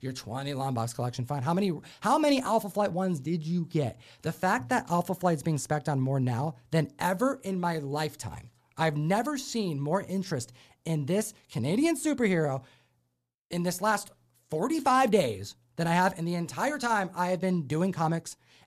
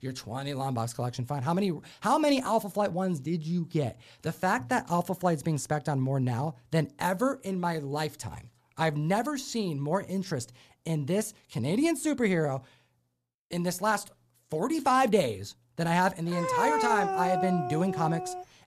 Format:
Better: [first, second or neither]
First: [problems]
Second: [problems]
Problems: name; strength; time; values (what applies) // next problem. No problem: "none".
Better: first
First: none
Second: dog barking; loud; from 16 s on; peak 3 dB above the speech